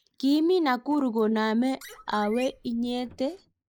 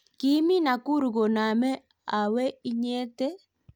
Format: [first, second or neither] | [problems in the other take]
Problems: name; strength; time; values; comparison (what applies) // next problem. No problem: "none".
second | noise reduction (neural mask model Resemble Enhance denoiser)